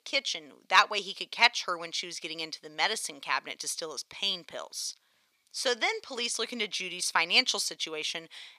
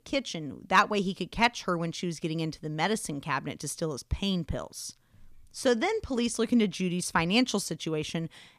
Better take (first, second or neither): second